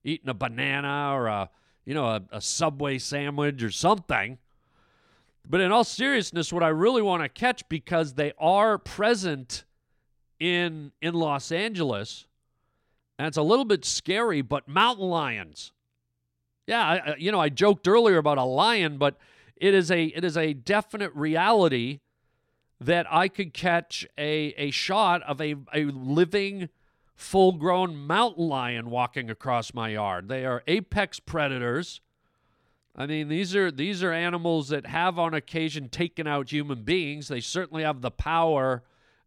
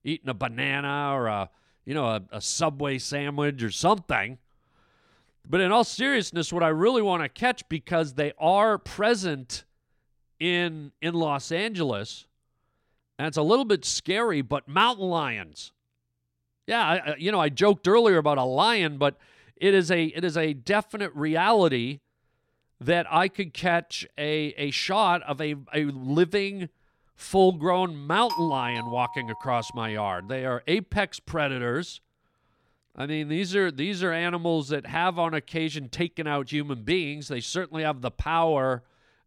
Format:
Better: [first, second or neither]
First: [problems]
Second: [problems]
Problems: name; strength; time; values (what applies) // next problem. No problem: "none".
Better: first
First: none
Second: doorbell; noticeable; from 28 to 30 s; peak 6 dB below the speech